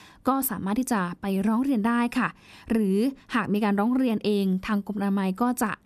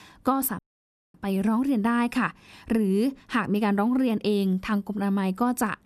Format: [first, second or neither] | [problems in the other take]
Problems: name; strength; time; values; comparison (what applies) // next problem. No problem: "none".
first | audio cutting out; at 0.5 s for 0.5 s